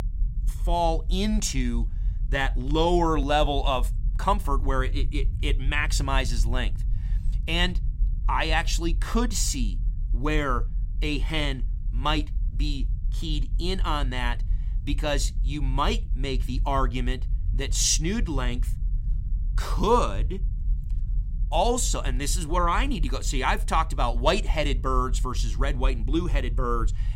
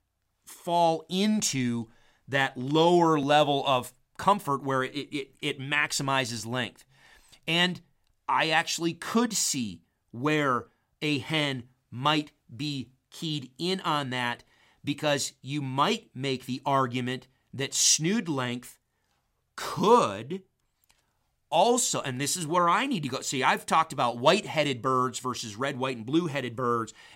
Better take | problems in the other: second | low rumble; faint; throughout; 25 dB below the speech

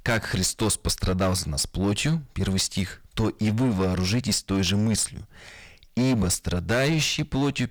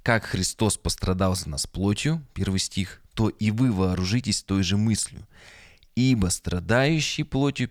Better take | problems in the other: second | distortion; heavy; 13% of the sound clipped

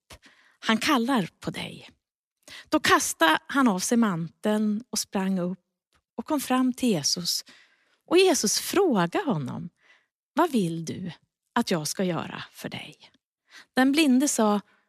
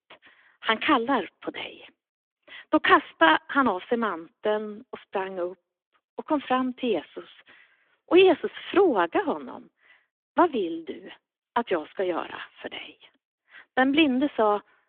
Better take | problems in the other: first | phone-call audio; nothing above 3.5 kHz

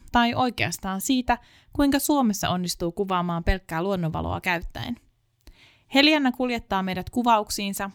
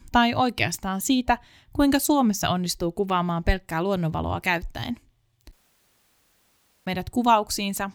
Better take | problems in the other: first | audio cutting out; at 5.5 s for 1.5 s

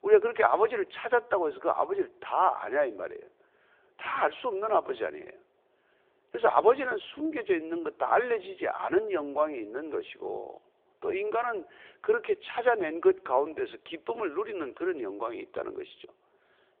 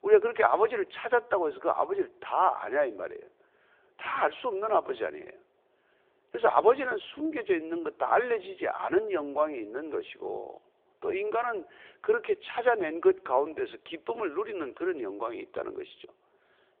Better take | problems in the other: neither | phone-call audio; the same in both

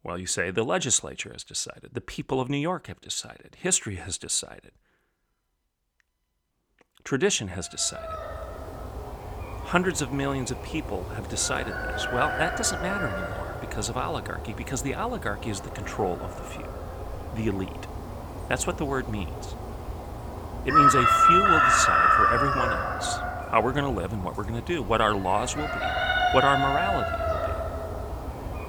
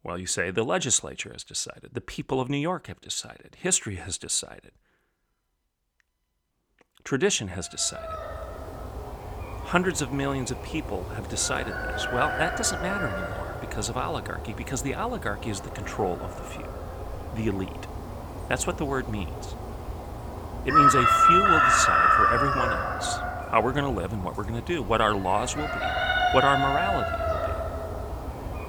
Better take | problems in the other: neither | animal sounds; very loud; from 8 s on; 2 dB above the speech; the same in both

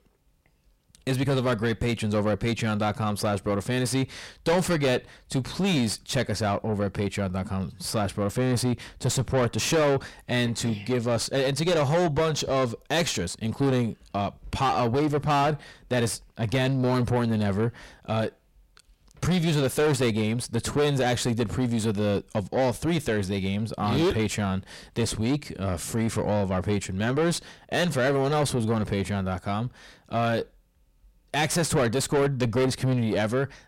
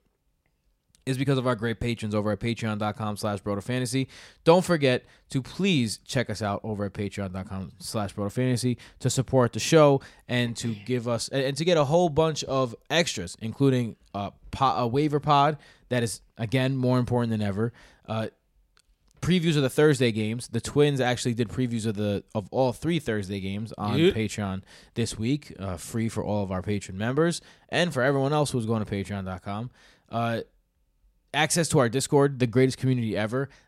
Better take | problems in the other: second | distortion; heavy; 6 dB below the speech

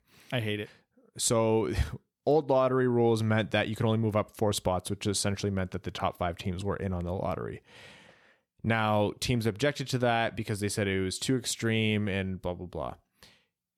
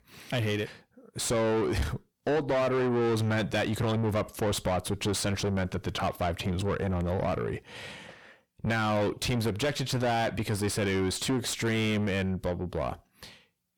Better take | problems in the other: first | distortion; heavy; 5 dB below the speech

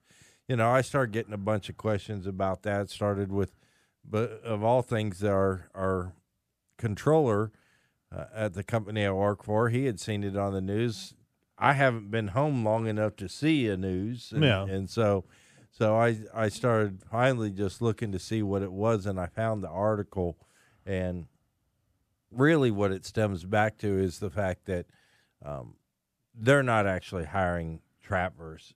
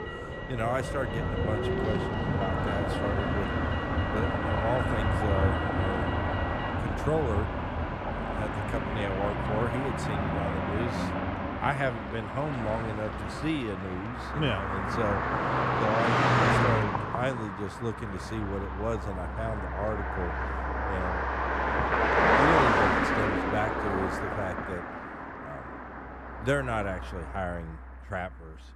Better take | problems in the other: first | traffic noise; very loud; throughout; 4 dB above the speech

